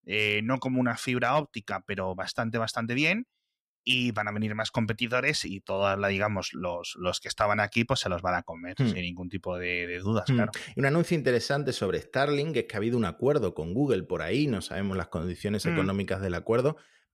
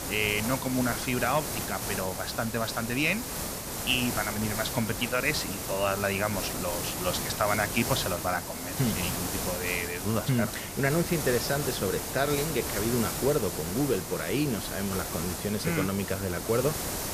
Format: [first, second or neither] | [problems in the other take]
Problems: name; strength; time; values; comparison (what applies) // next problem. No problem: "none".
first | hiss; loud; throughout; 3 dB below the speech